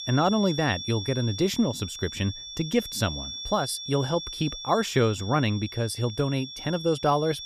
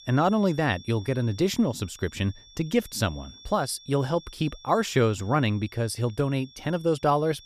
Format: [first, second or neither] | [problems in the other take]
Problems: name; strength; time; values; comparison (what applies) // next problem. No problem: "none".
second | high-pitched whine; loud; throughout; 3.5 kHz, 9 dB below the speech; faint in the second